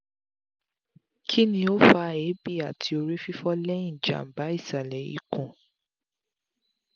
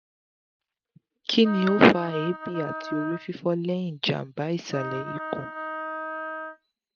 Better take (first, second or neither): first